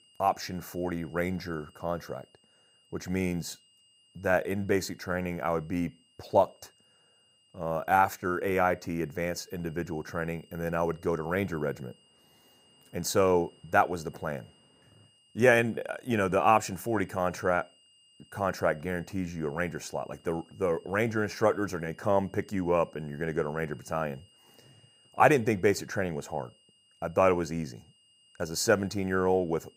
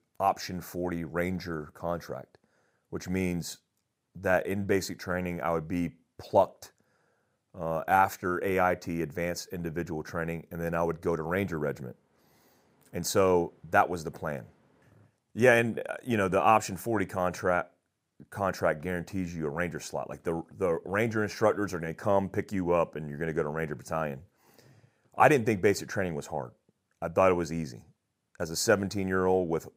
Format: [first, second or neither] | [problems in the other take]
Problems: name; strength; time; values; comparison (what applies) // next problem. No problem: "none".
second | high-pitched whine; faint; throughout; 3 kHz, 30 dB below the speech